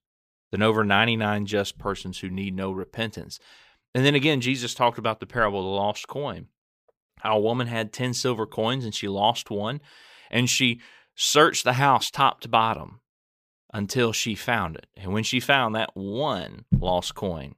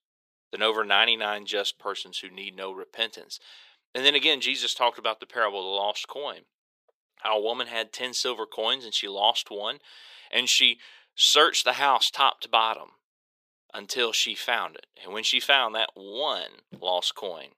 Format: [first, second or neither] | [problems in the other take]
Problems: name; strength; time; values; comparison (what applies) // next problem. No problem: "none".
first | thin; very; fading below 400 Hz